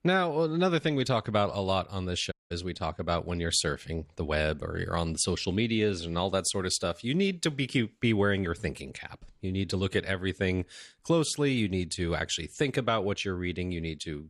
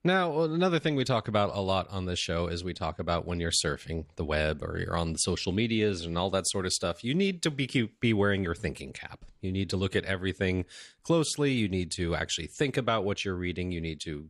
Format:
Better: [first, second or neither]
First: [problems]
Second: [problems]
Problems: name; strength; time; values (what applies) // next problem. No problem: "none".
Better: second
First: audio cutting out; at 2.5 s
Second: none